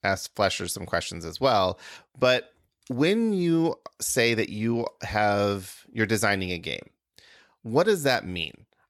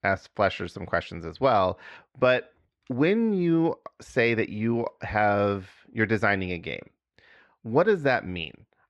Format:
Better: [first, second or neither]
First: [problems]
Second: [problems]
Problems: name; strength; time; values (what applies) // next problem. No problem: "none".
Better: first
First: none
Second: muffled; slightly; fading above 2 kHz